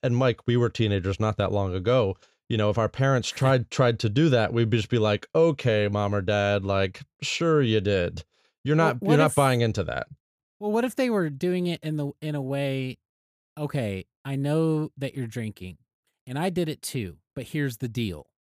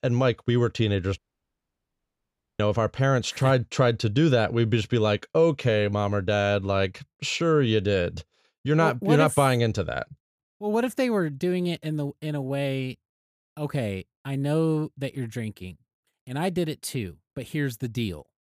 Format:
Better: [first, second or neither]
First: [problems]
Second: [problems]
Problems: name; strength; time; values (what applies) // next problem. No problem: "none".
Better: first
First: none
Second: audio cutting out; at 1 s for 1.5 s